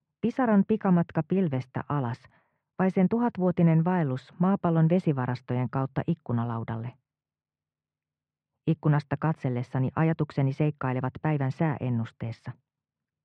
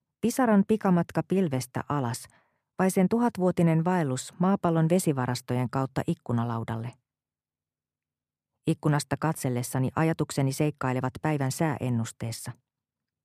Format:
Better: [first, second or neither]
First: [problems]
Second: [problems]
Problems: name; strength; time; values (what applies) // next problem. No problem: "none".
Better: second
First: muffled; very; fading above 3 kHz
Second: none